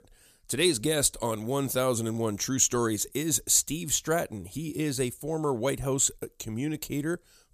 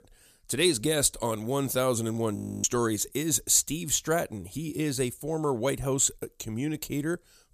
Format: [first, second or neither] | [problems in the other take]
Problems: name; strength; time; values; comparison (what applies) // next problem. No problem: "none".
first | audio freezing; at 2.5 s